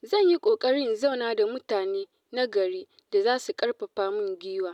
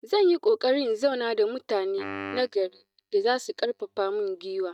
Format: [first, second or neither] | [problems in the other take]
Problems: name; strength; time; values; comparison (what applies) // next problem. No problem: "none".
first | noise reduction (neural mask model DeepFilterNet 3)